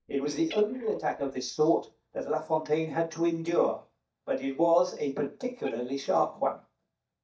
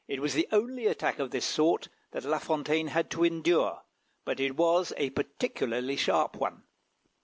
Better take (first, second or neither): second